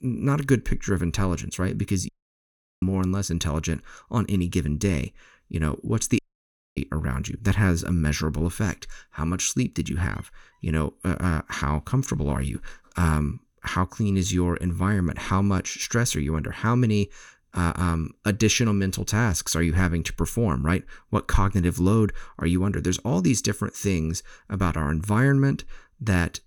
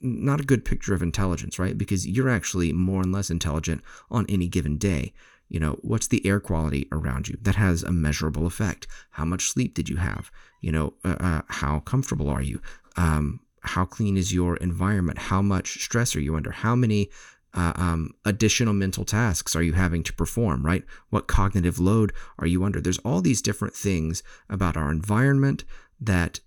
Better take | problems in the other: second | audio cutting out; at 2 s for 0.5 s and at 6 s for 0.5 s

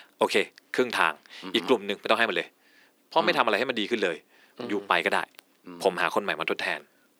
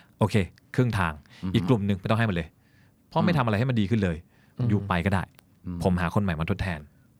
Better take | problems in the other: second | thin; very; fading below 350 Hz

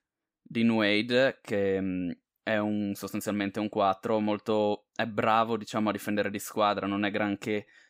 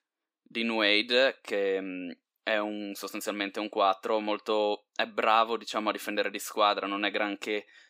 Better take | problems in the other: first | thin; somewhat; fading below 300 Hz

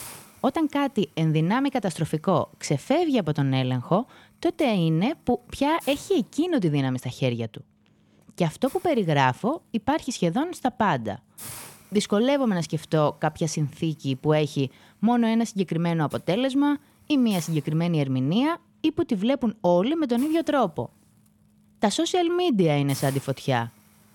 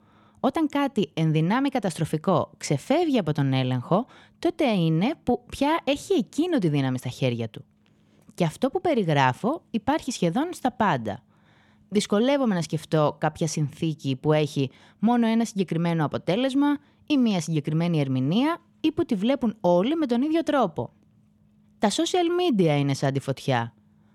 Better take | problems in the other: second | hiss; noticeable; throughout; 20 dB below the speech

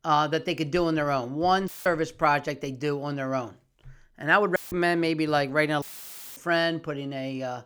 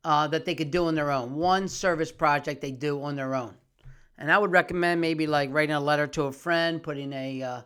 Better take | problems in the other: second | audio cutting out; filled with static; at 1.5 s, at 4.5 s and at 6 s for 0.5 s

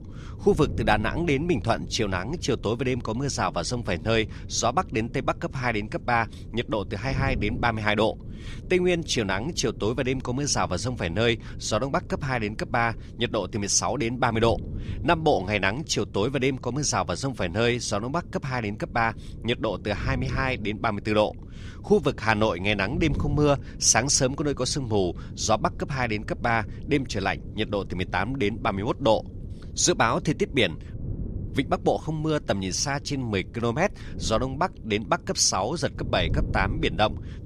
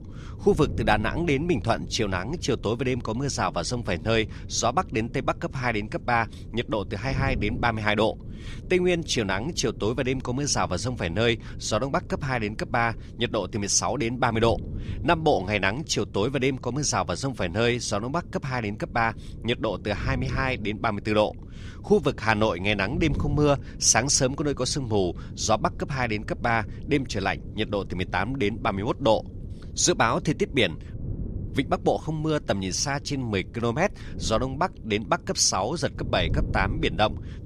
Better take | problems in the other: neither | wind noise on the microphone; occasional gusts; 20 dB below the speech; the same in both

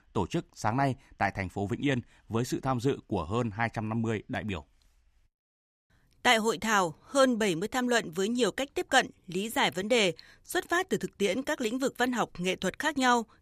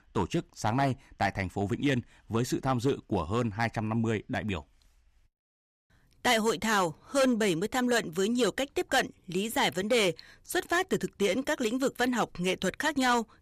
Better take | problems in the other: first | distortion; slight; 4% of the sound clipped

